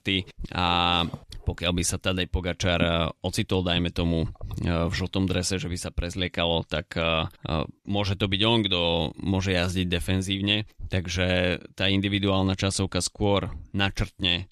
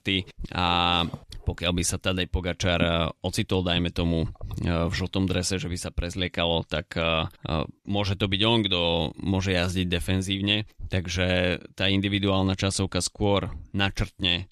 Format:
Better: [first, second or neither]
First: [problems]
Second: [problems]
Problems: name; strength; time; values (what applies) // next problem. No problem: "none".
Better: neither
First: none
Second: none